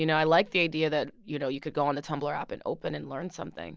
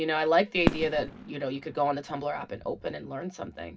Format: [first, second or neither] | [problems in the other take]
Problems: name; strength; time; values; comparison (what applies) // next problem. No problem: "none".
first | background sound (Fireworks); 5 dB below the speech // room echo; dies away in 0.4 s